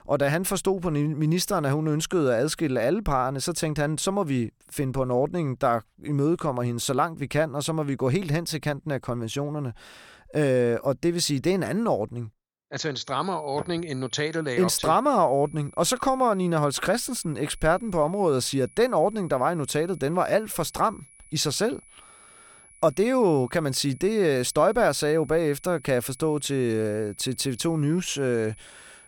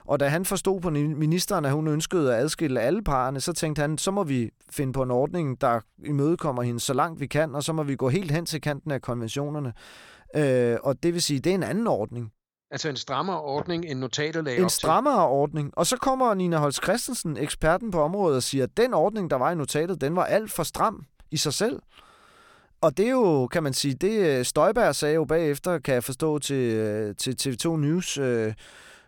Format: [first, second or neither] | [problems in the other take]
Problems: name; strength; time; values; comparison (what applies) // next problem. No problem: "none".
second | high-pitched whine; faint; from 13 s on; 10.5 kHz, 25 dB below the speech